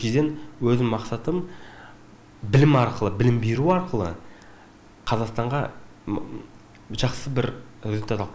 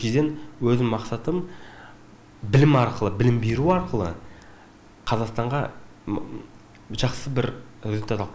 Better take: first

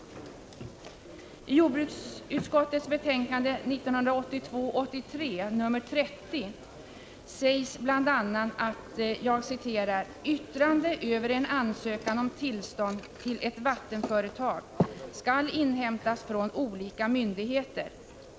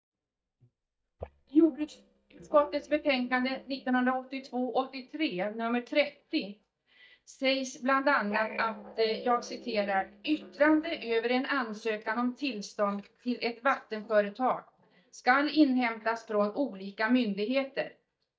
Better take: first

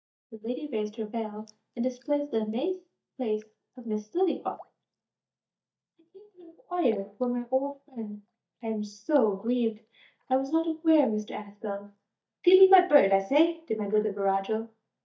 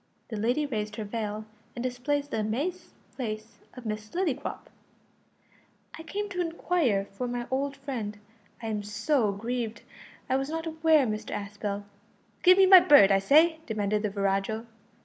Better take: second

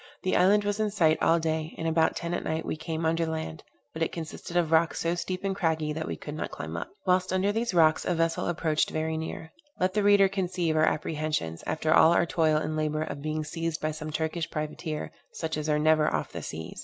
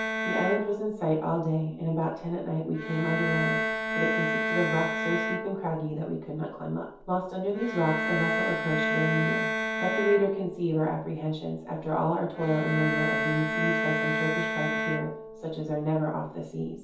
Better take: first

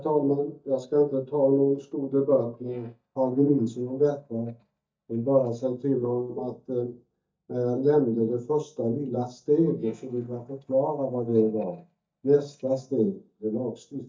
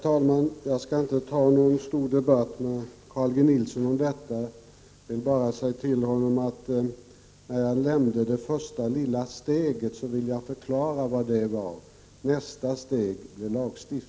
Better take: second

